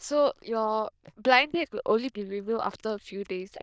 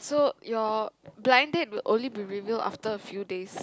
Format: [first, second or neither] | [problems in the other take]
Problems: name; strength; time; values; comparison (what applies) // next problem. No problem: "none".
second | noise reduction (neural diffusion model UNIVERSE++)